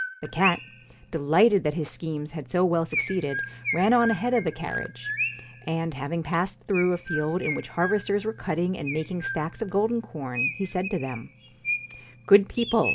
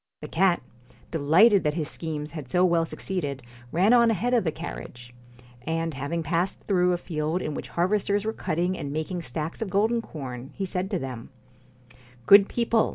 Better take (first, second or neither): second